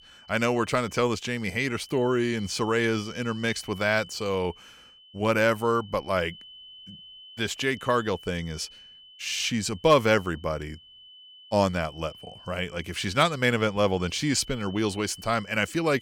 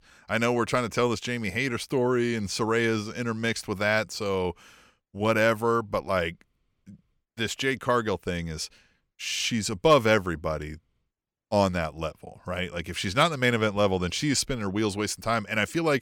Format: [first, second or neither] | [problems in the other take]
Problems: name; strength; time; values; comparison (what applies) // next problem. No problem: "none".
second | high-pitched whine; faint; throughout; 3 kHz, 20 dB below the speech